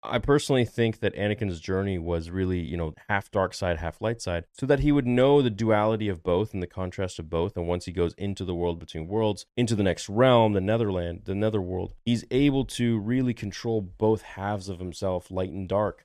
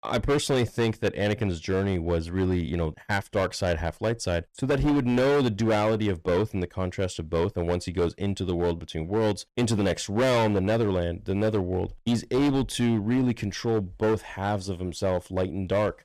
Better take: first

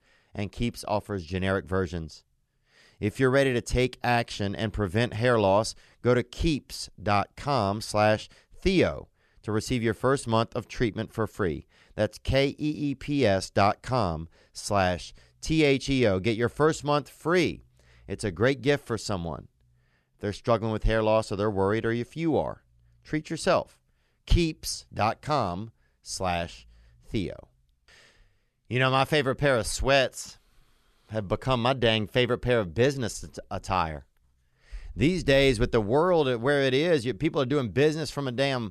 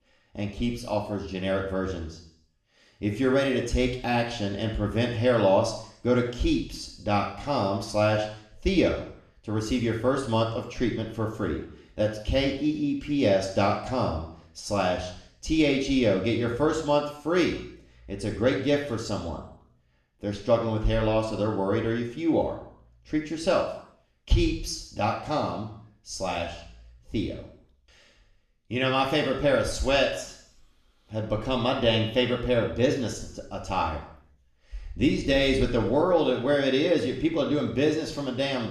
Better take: first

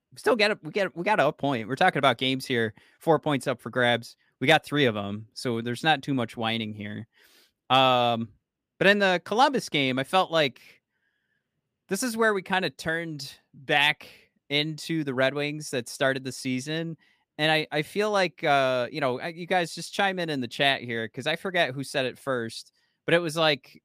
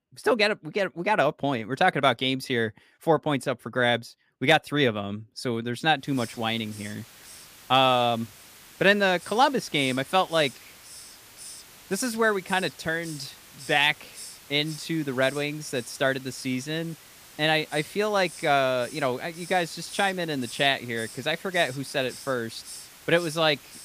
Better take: first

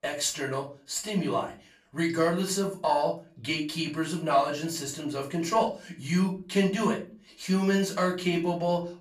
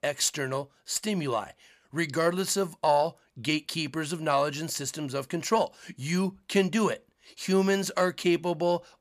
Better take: second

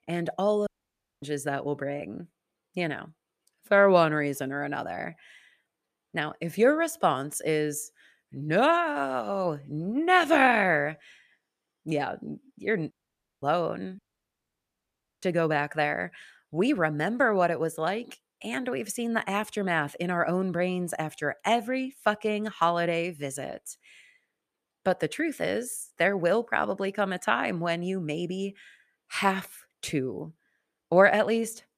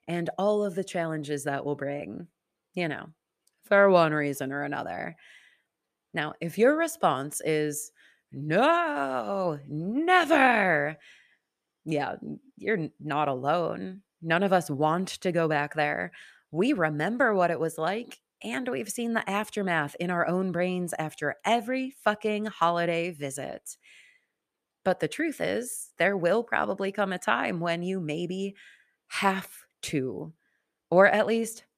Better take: second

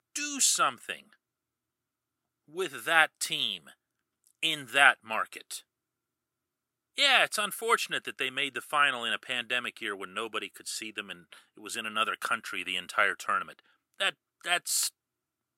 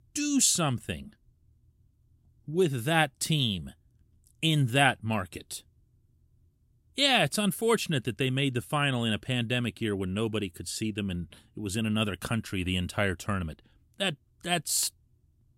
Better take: second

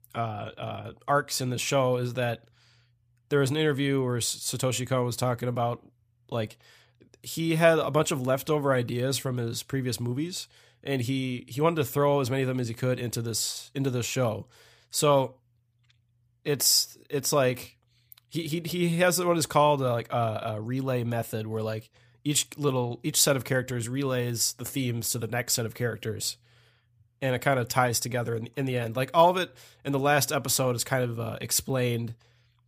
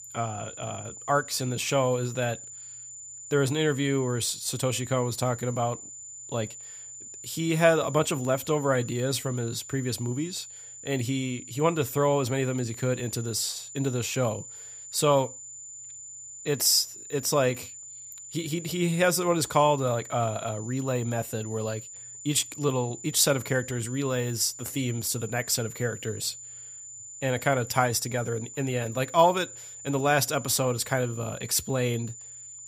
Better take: first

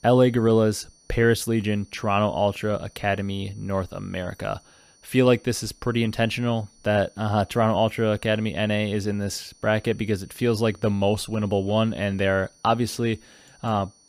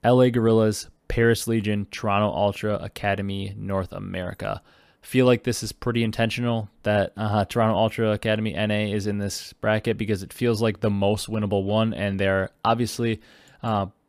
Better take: second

